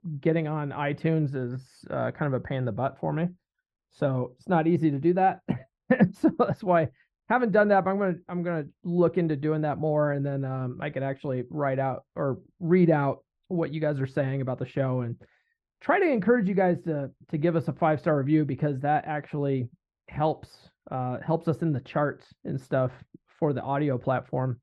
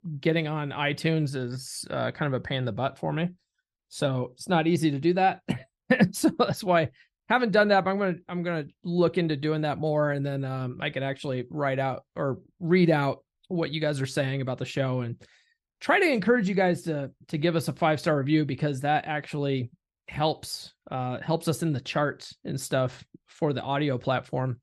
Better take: second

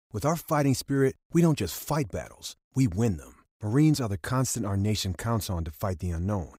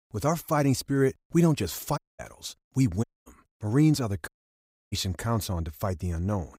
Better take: first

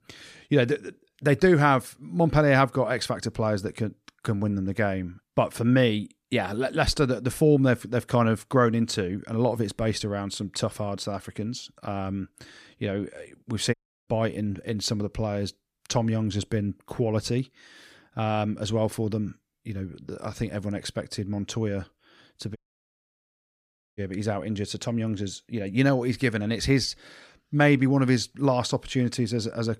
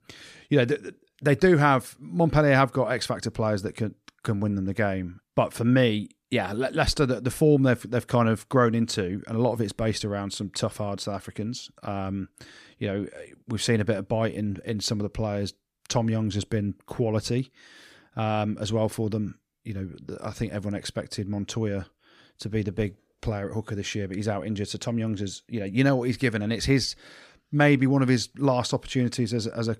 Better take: second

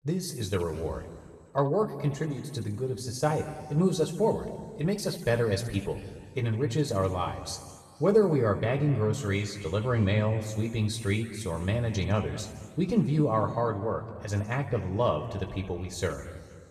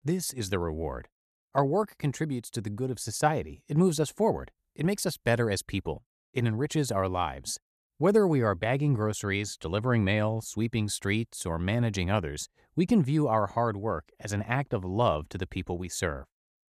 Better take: second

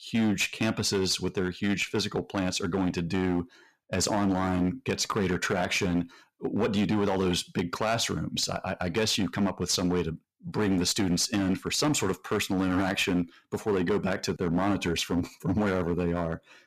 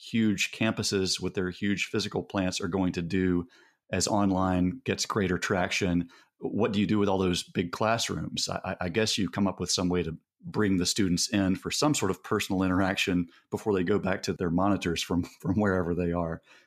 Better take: second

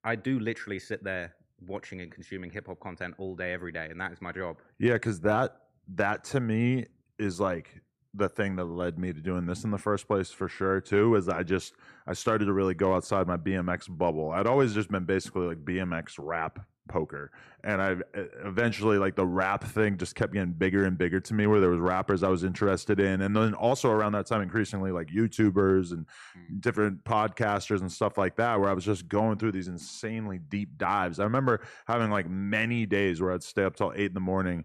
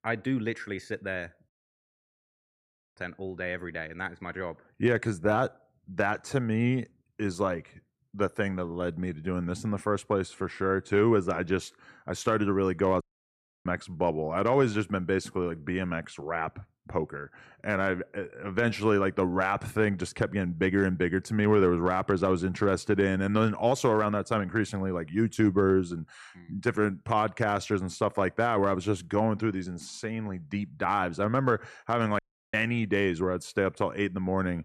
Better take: first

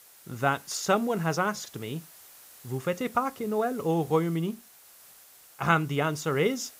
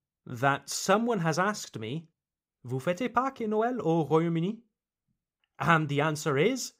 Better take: second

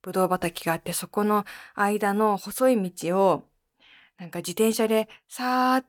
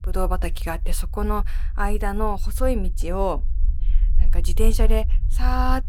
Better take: first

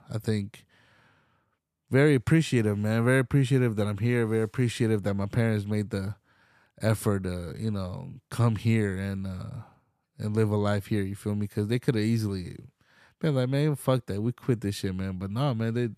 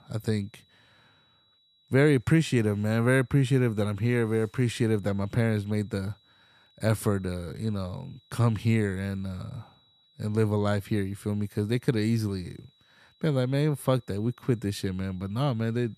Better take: first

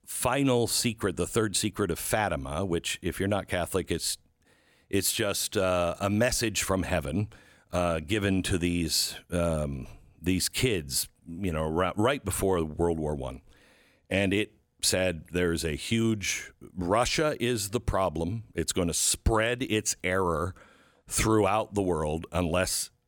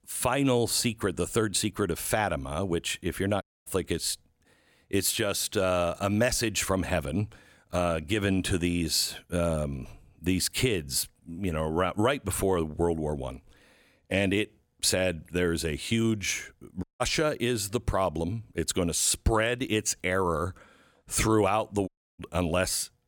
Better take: first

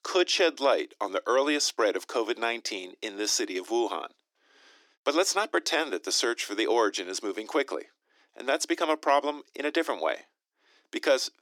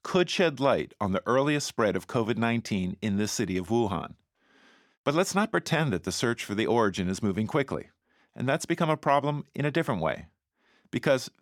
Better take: second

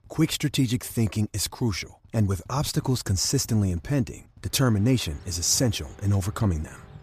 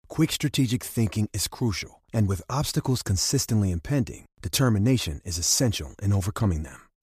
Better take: second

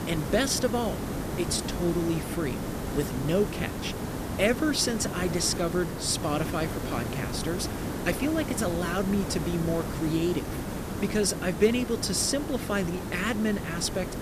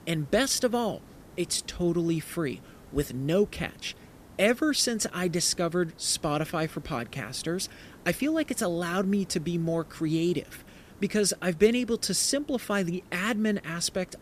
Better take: second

